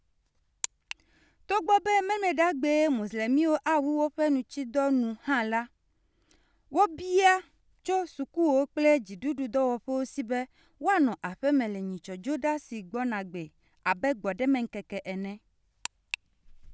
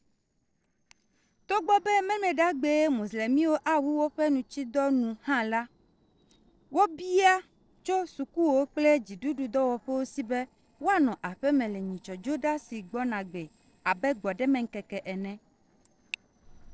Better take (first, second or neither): first